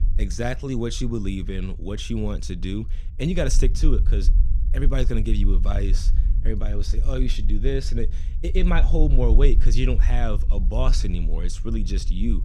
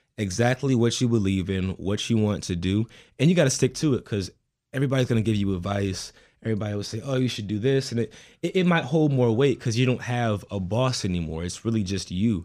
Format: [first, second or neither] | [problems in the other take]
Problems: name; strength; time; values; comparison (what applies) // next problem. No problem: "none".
second | low rumble; noticeable; throughout; 15 dB below the speech